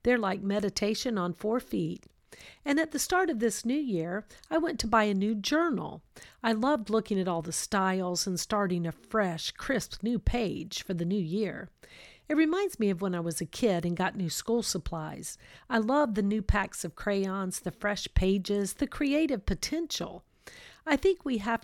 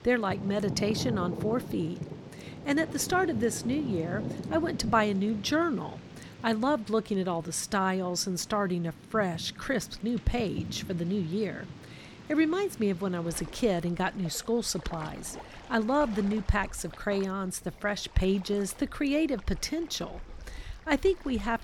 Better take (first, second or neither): first